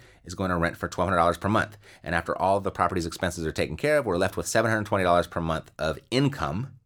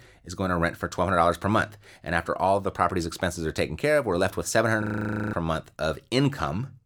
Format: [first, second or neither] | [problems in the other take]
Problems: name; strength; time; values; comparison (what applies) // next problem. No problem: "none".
first | audio freezing; at 5 s for 0.5 s